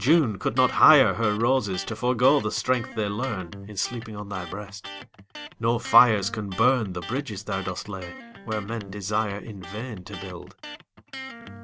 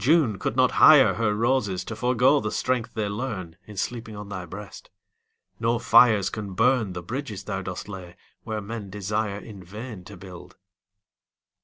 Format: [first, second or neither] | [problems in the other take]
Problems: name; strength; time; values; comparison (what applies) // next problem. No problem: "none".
second | background sound (Electric guitar); 15 dB below the speech